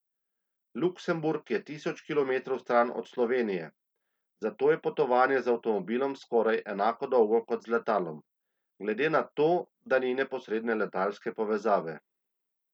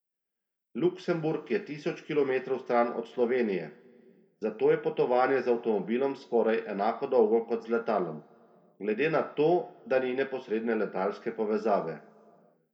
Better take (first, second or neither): first